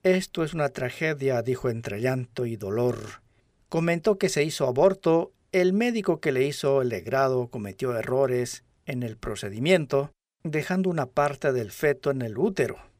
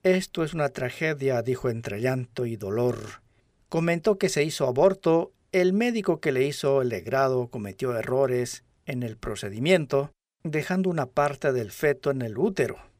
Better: neither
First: none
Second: none

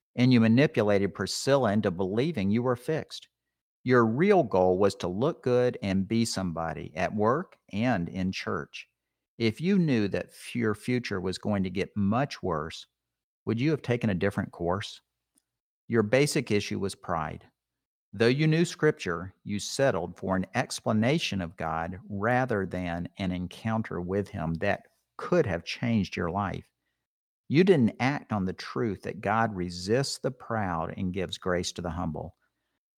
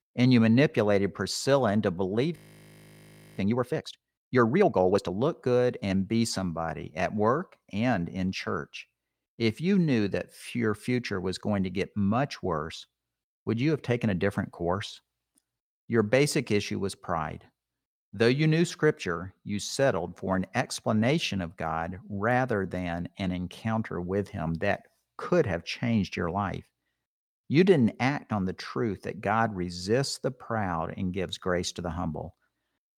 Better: first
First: none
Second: audio freezing; at 2.5 s for 1 s

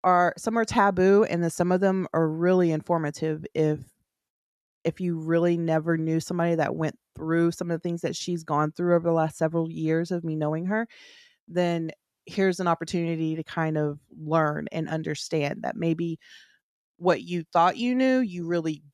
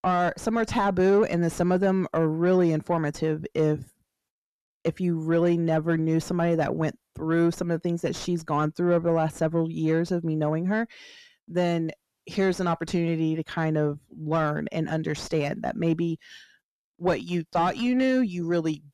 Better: first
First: none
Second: distortion; slight; 10 dB below the speech

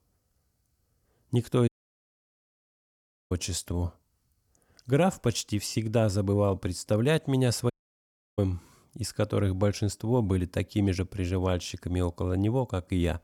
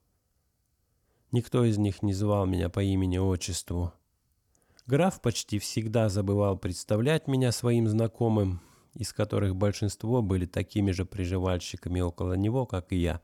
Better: second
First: audio cutting out; at 1.5 s for 1.5 s and at 7.5 s for 0.5 s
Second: none

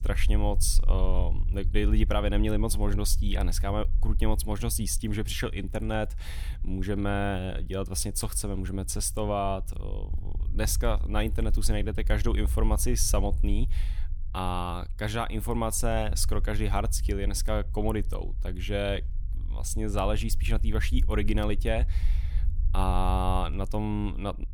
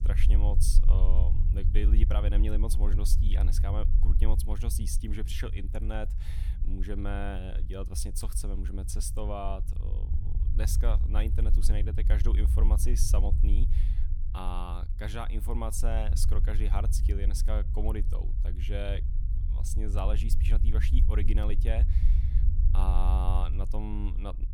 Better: first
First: low rumble; faint; throughout; 20 dB below the speech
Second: low rumble; loud; throughout; 9 dB below the speech

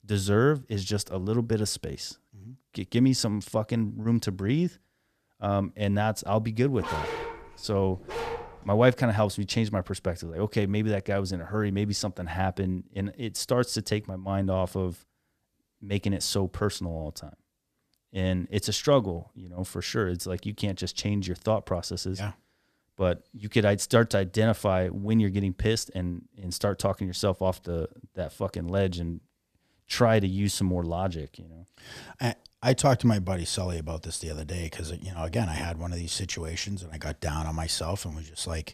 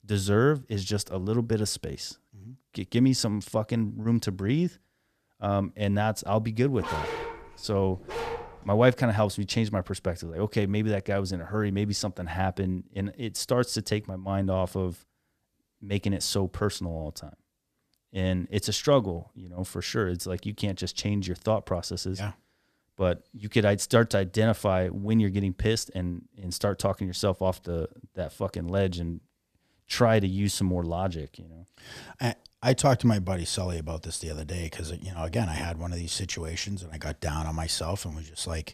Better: neither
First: dog barking; noticeable; from 7 to 9 s; peak 4 dB below the speech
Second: dog barking; noticeable; from 7 to 9 s; peak 4 dB below the speech

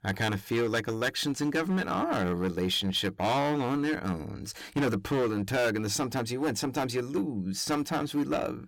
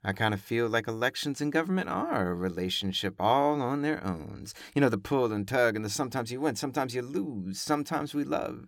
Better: second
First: distortion; heavy; 11% of the sound clipped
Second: none

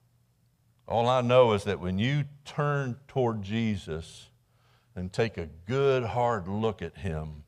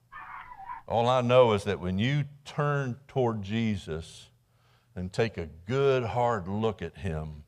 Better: first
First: none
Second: dog barking; faint; at the start; peak 15 dB below the speech

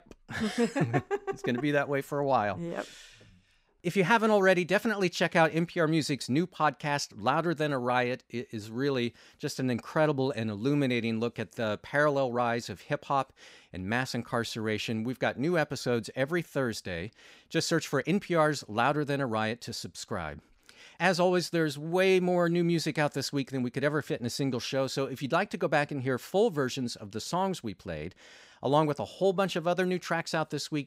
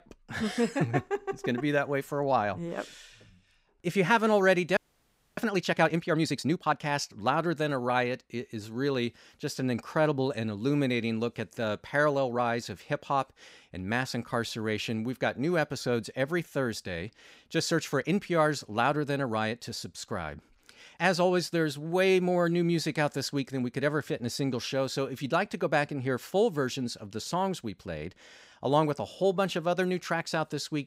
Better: first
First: none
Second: audio freezing; at 5 s for 0.5 s

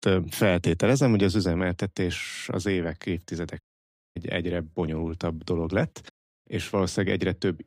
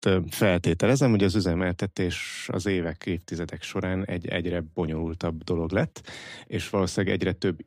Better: second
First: audio cutting out; at 3.5 s for 0.5 s and at 6 s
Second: none

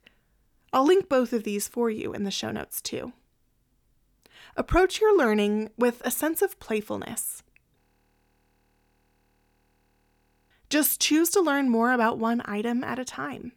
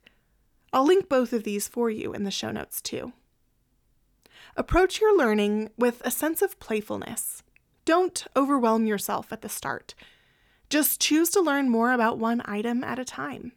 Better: second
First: audio freezing; at 8 s for 2.5 s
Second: none

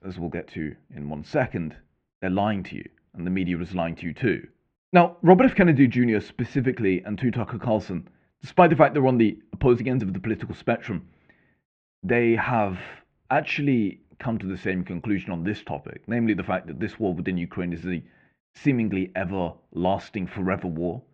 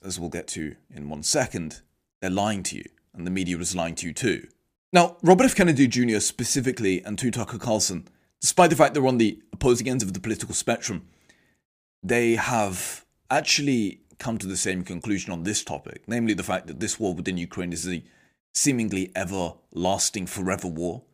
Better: second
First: muffled; very; fading above 2.5 kHz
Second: none

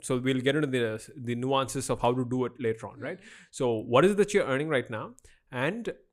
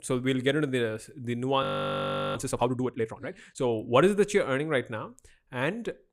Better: first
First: none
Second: audio freezing; at 1.5 s for 0.5 s

